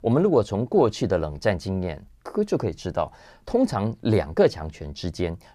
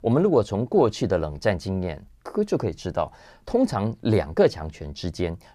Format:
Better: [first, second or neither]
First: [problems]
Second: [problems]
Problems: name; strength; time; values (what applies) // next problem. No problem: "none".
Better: neither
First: none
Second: none